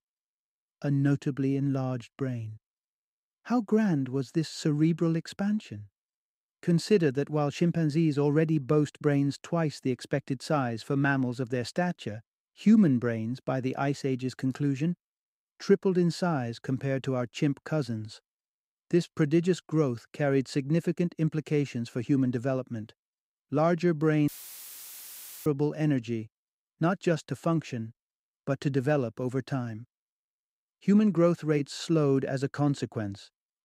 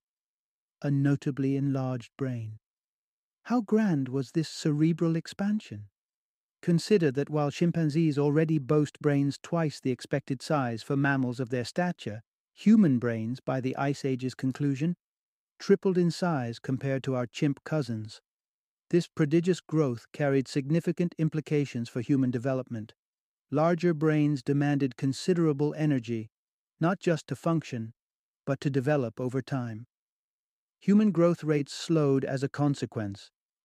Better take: second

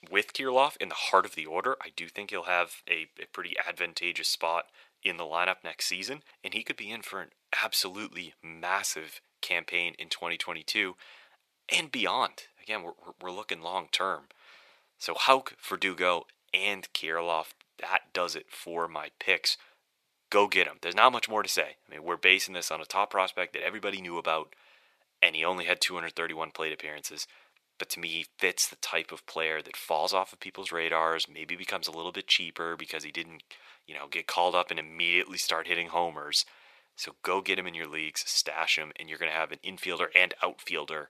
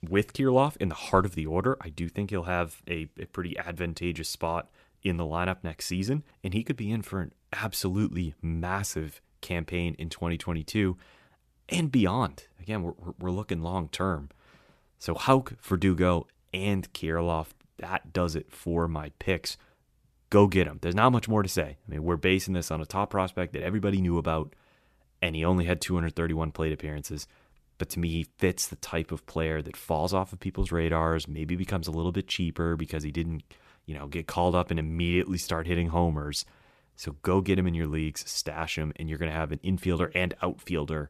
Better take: second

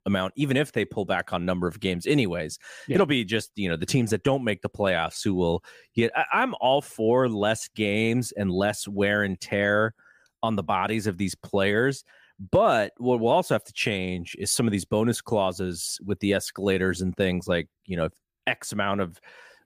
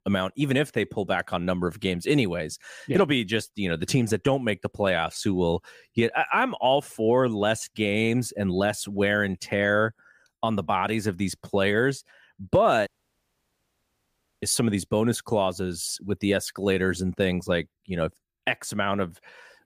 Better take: first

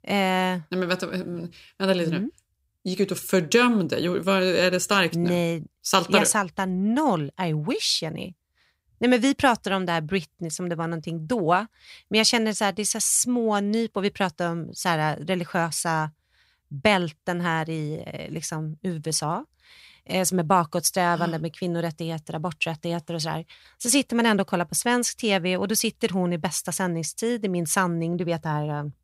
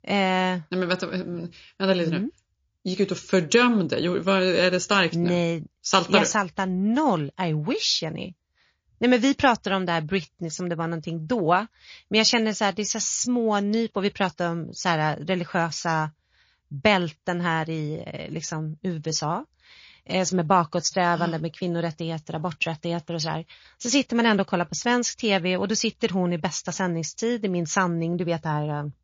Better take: first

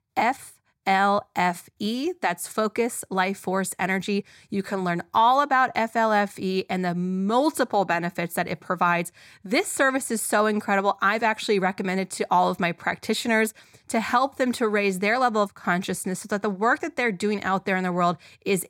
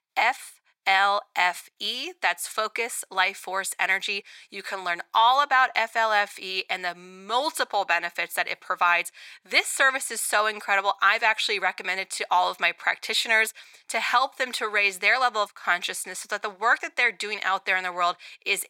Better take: first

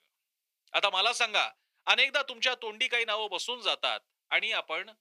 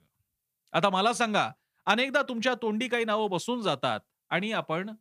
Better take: second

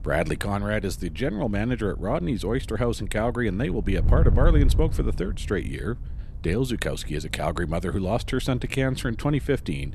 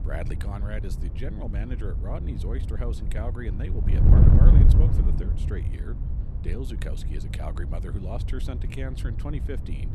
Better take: first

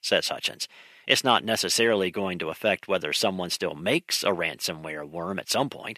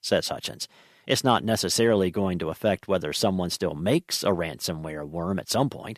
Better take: second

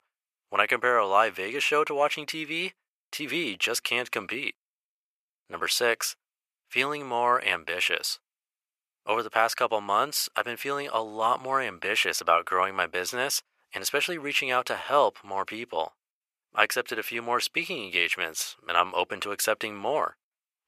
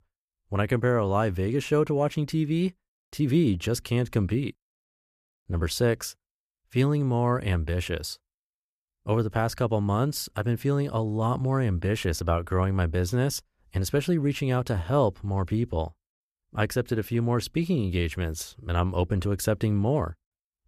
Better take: second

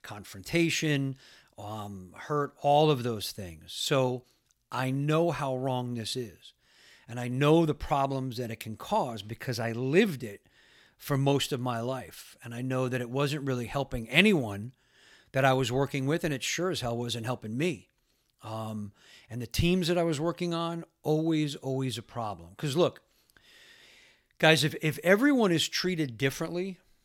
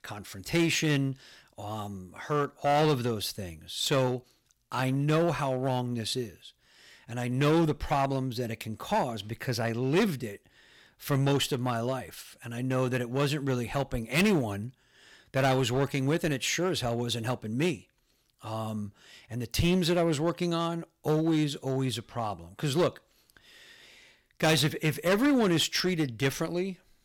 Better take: first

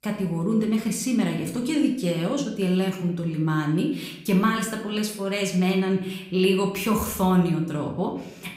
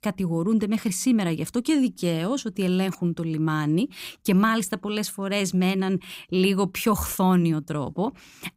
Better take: second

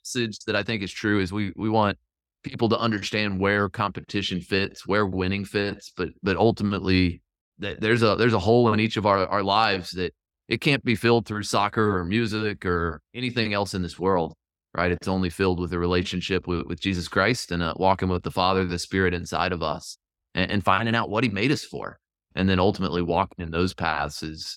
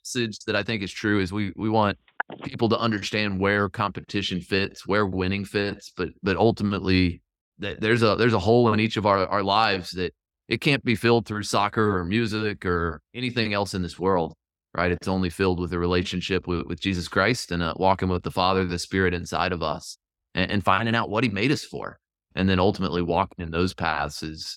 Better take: first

